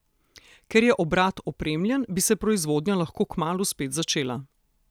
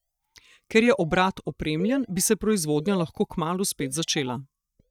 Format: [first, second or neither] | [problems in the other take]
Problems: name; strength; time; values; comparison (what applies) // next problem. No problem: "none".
first | noise reduction (neural mask model DeepFilterNet 3)